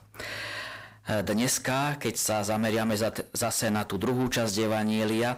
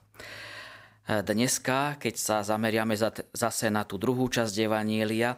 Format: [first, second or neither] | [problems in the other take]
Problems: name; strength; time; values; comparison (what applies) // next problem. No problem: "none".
second | distortion; heavy; 6 dB below the speech